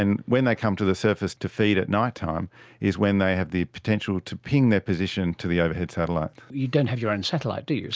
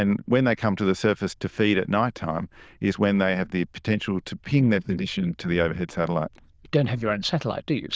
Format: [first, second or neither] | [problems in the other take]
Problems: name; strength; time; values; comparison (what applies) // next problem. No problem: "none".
first | noise reduction (neural diffusion model UNIVERSE++)